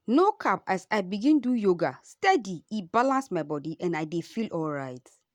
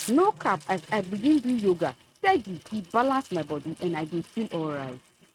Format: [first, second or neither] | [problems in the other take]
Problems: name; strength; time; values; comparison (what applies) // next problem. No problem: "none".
first | noise reduction (neural mask model RNNoise)